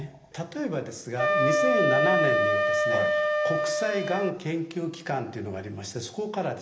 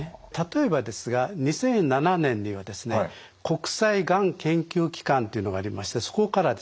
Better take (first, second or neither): second